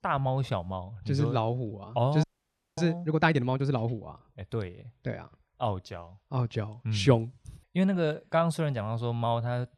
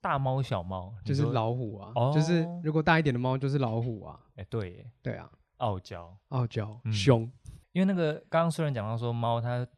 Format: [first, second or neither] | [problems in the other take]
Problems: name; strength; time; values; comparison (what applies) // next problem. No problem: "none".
second | audio freezing; at 2 s for 0.5 s